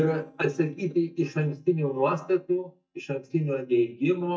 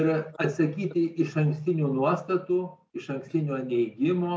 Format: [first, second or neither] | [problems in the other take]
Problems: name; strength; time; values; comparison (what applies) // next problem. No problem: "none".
second | noise reduction (neural mask model DeepFilterNet 3)